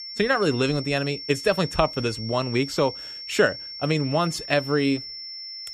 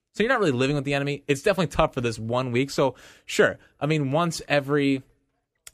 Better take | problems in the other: second | high-pitched whine; loud; throughout; 5.5 kHz, 10 dB below the speech

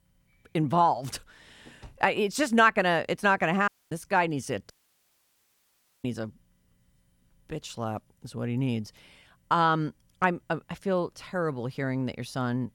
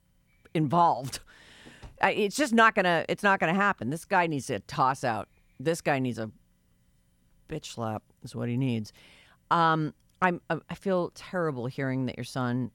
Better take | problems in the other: second | audio cutting out; at 3.5 s and at 4.5 s for 1.5 s

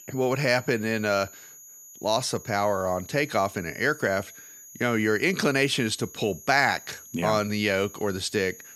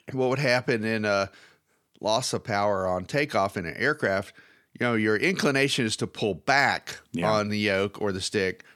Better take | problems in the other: second | high-pitched whine; noticeable; throughout; 6.5 kHz, 20 dB below the speech

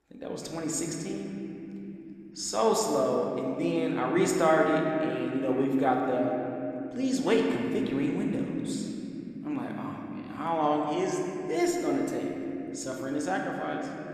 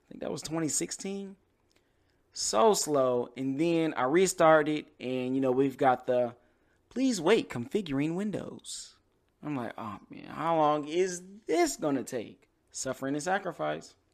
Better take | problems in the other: second | room echo; noticeable; dies away in 3 s

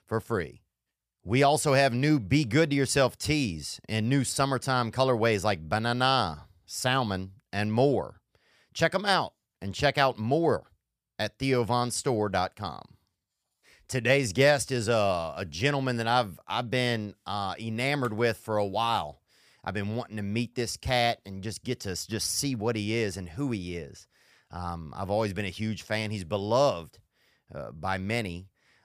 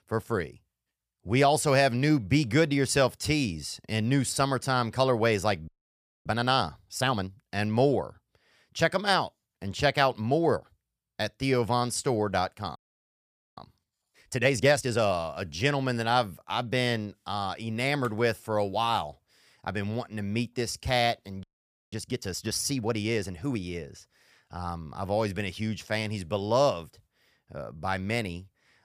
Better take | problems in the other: first | audio freezing; at 5.5 s for 0.5 s, at 13 s for 1 s and at 21 s

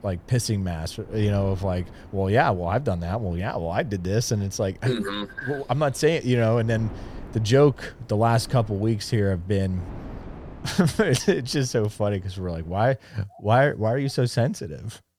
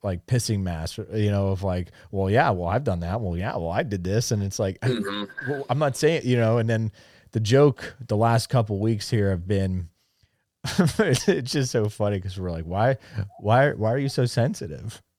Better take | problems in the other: second | wind noise on the microphone; occasional gusts; until 13 s; 25 dB below the speech

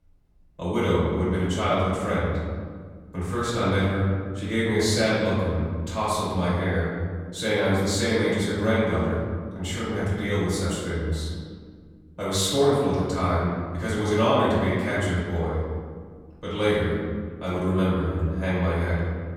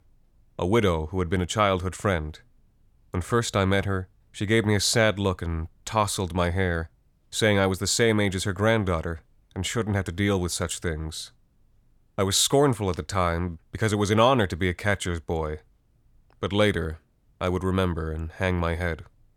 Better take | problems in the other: second | room echo; strong; dies away in 1.9 s // off-mic speech; far

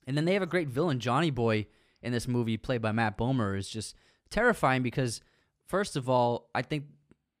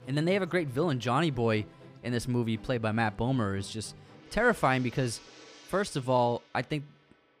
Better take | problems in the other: first | background music; faint; throughout; 20 dB below the speech

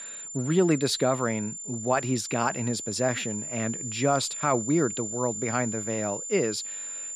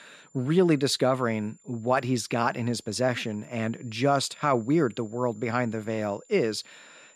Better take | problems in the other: second | high-pitched whine; loud; throughout; 7 kHz, 6 dB below the speech; faint in the second

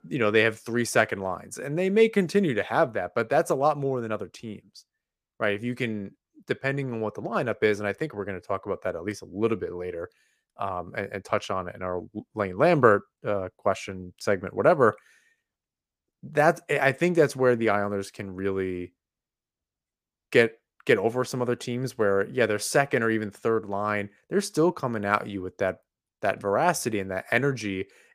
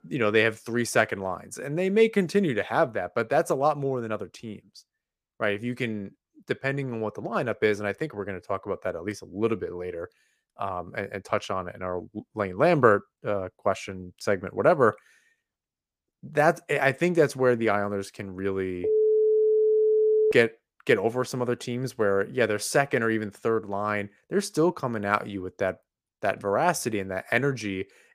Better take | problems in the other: first | phone ringing; loud; from 19 to 20 s; peak 5 dB above the speech

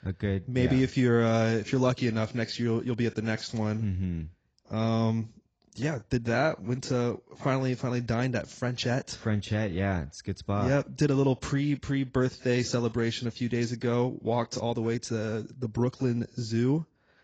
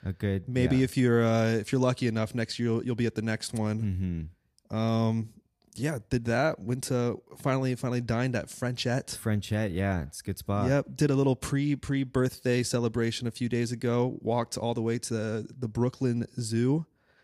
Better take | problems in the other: second | garbled, watery; badly; nothing above 7.5 kHz

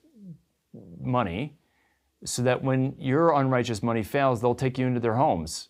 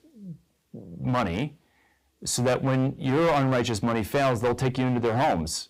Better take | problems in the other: first | distortion; heavy; 10% of the sound clipped

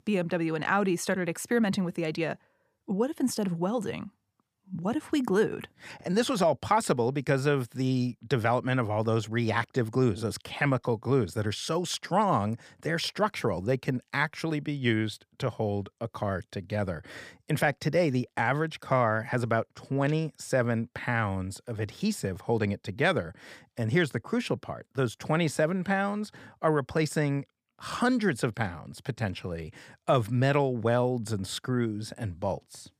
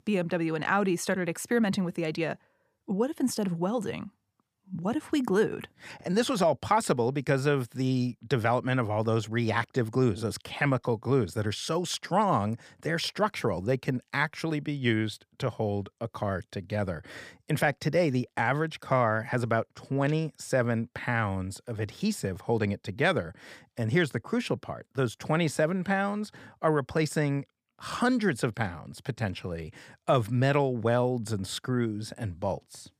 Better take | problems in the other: neither | none

